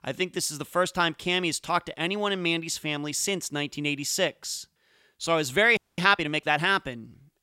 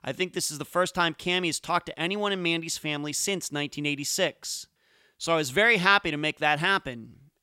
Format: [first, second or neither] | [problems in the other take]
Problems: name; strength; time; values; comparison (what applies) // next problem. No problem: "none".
second | audio freezing; at 6 s